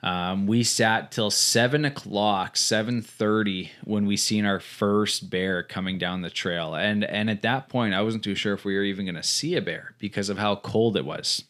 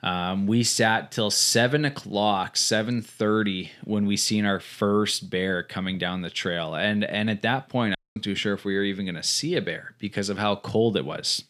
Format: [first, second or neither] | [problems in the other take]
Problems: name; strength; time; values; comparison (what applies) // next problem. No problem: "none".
first | audio cutting out; at 8 s